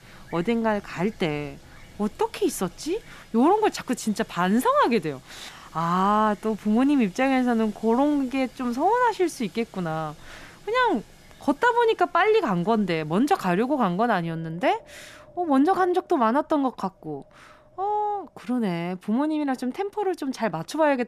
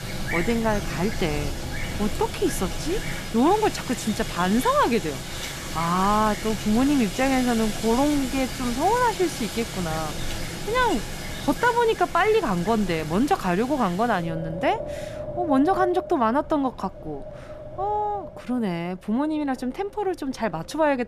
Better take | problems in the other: first | wind in the background; loud; throughout; 8 dB below the speech; faint in the first

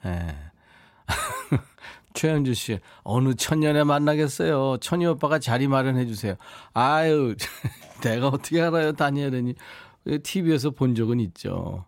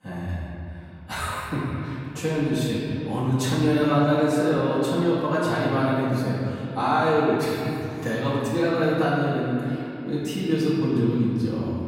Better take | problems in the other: first | room echo; strong; dies away in 2.7 s // off-mic speech; far

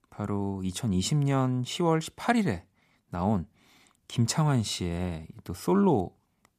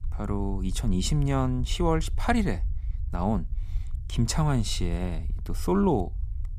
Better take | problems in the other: first | low rumble; faint; throughout; 25 dB below the speech

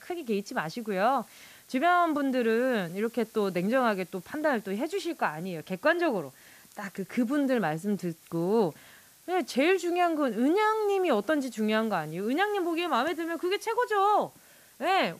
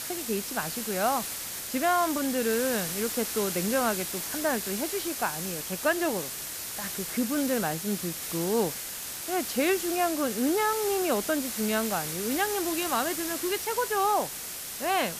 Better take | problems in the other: first | hiss; loud; throughout; 3 dB below the speech; faint in the first

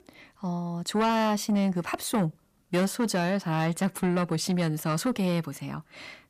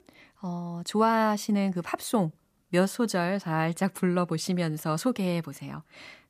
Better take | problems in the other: second | distortion; slight; 10 dB below the speech

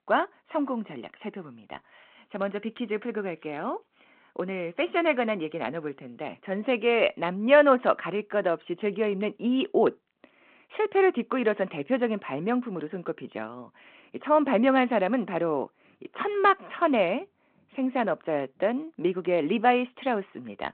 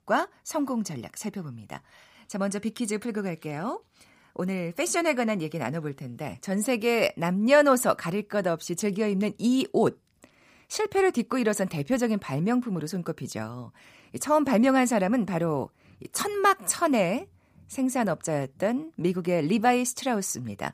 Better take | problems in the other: second | phone-call audio

